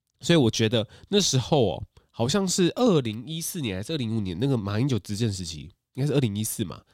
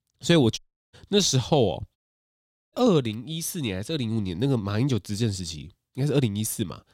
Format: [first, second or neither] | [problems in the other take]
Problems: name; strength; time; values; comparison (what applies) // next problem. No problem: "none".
first | audio cutting out; at 0.5 s and at 2 s for 1 s